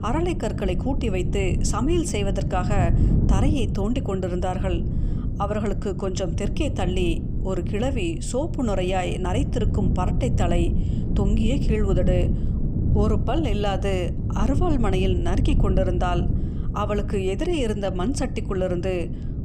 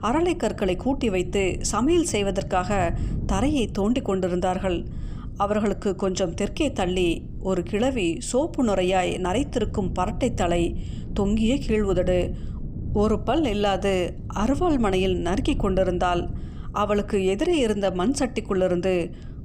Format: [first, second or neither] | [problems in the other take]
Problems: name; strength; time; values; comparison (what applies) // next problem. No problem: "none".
second | wind noise on the microphone; heavy; 9 dB below the speech; occasional gusts in the second